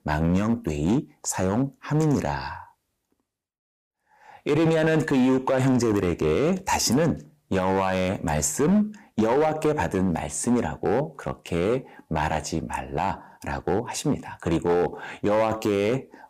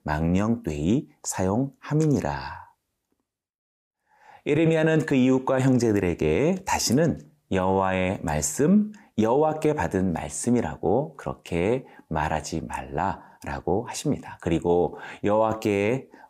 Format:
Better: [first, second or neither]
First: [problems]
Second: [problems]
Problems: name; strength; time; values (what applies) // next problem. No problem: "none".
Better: second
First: distortion; slight; 7% of the sound clipped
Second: none